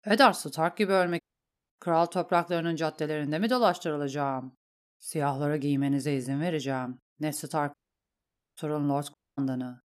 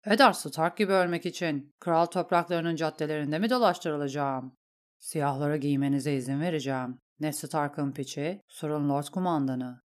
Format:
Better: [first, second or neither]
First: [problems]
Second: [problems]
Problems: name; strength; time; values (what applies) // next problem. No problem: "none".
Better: second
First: audio cutting out; at 1 s for 0.5 s, at 7.5 s for 1 s and at 9 s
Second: none